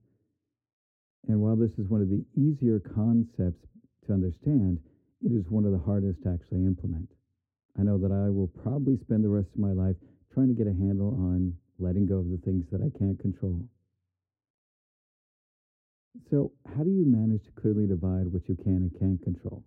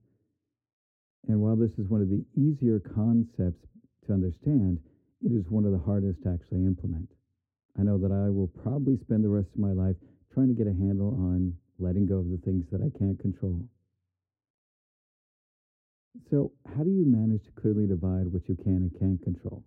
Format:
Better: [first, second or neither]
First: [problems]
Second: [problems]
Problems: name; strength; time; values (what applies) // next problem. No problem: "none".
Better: neither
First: muffled; very; fading above 1 kHz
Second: muffled; very; fading above 1 kHz